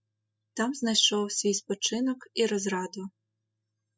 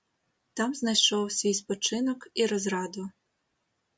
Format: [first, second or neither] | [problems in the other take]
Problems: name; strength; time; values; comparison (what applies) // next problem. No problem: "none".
second | noise reduction (classical method spectral subtraction)